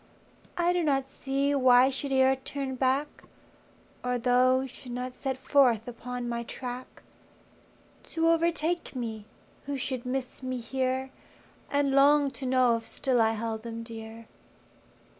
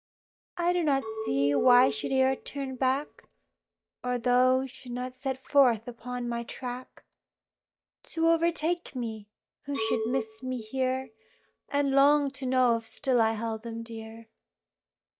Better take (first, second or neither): first